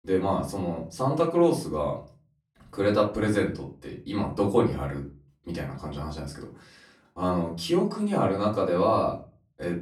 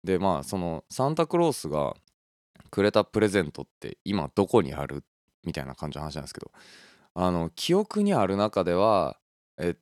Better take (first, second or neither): second